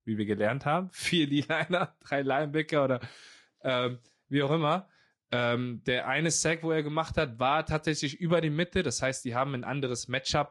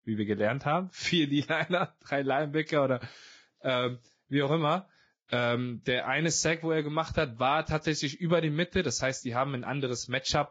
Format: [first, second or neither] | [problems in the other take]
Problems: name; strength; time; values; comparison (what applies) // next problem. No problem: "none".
first | garbled, watery; badly; nothing above 7.5 kHz; slightly in the first